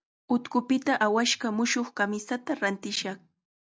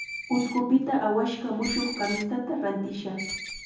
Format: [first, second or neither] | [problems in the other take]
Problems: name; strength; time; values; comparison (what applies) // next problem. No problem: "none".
first | background sound (Screech); 11 dB below the speech // room echo; dies away in 0.7 s